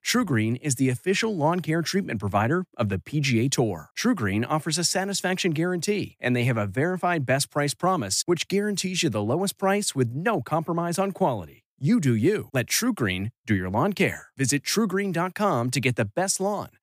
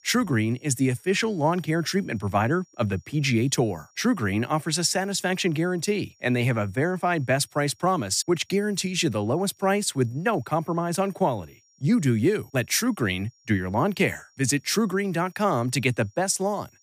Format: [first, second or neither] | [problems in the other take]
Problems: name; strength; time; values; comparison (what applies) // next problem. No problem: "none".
first | high-pitched whine; faint; throughout; 5.5 kHz, 35 dB below the speech